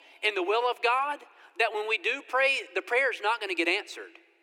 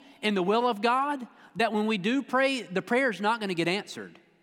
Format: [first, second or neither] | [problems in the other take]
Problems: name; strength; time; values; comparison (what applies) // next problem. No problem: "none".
second | thin; very; fading below 350 Hz